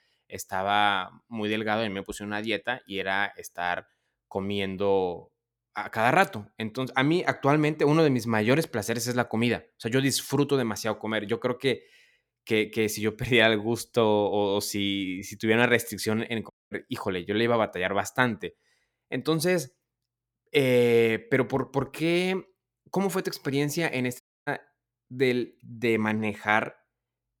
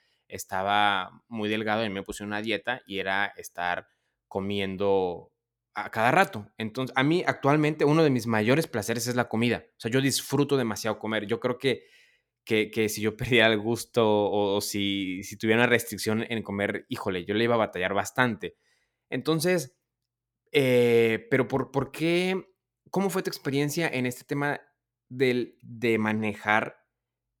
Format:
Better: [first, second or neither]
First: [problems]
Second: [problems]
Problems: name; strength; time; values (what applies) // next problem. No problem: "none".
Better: second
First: audio cutting out; at 17 s and at 24 s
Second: none